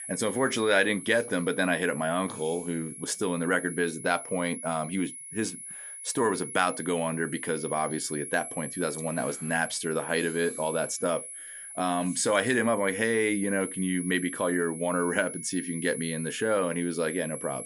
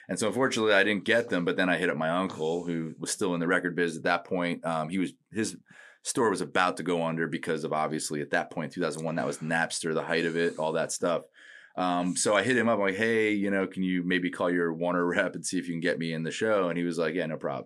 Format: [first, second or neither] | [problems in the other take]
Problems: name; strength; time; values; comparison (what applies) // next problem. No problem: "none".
second | high-pitched whine; loud; throughout; 10.5 kHz, 9 dB below the speech